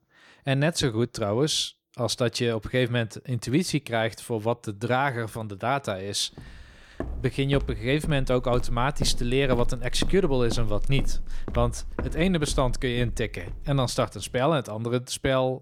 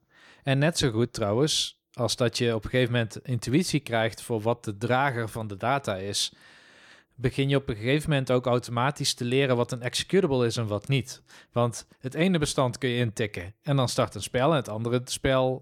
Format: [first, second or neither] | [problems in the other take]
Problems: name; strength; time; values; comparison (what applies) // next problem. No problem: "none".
second | footsteps; noticeable; from 7 to 14 s; peak 7 dB below the speech